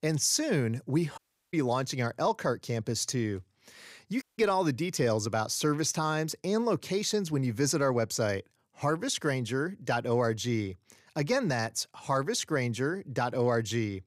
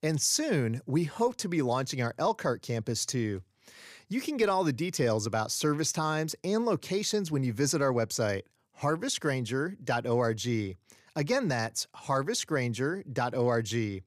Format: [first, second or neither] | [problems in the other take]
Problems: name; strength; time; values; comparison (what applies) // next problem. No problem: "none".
second | audio cutting out; at 1 s and at 4 s